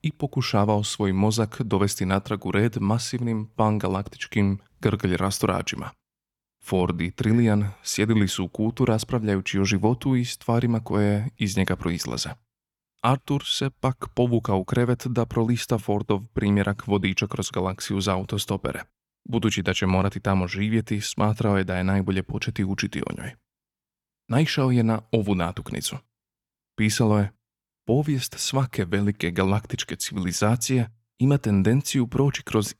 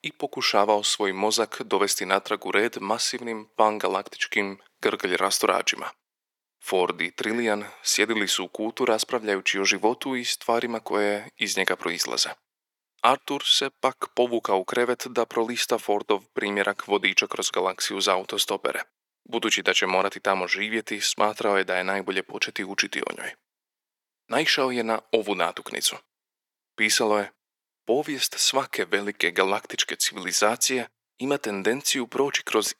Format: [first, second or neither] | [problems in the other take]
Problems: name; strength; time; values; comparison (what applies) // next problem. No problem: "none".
first | thin; very; fading below 400 Hz